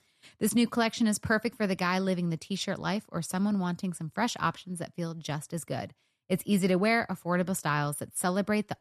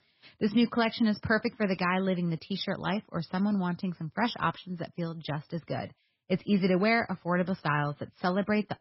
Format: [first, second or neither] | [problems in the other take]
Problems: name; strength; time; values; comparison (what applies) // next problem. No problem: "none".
first | garbled, watery; badly; nothing above 5.5 kHz